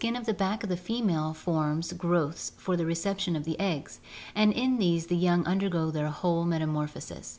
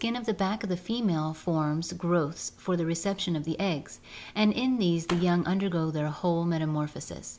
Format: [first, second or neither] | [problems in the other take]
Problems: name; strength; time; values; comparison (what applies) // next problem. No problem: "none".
first | background sound (Fireworks); 15 dB below the speech